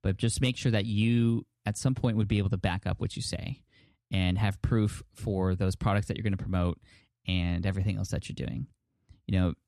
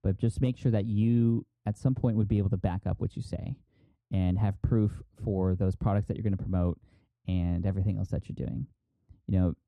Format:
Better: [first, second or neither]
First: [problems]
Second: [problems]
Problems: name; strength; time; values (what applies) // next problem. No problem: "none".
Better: first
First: none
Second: muffled; very; fading above 1.5 kHz